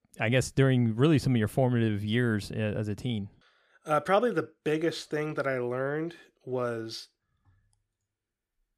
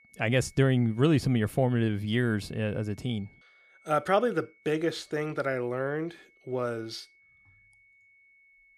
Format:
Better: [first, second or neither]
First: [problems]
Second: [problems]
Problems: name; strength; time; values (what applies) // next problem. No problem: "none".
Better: first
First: none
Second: high-pitched whine; faint; throughout; 2 kHz, 30 dB below the speech